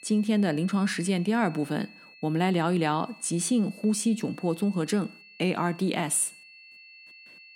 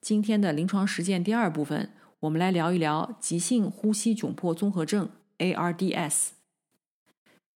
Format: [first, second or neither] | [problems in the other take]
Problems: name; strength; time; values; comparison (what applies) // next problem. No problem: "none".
second | high-pitched whine; faint; throughout; 2.5 kHz, 20 dB below the speech